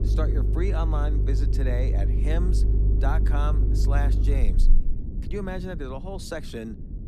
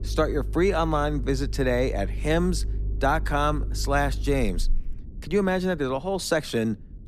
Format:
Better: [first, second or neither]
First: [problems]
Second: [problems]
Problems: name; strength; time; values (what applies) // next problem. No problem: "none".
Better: second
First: low rumble; loud; throughout; 6 dB below the speech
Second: low rumble; faint; throughout; 25 dB below the speech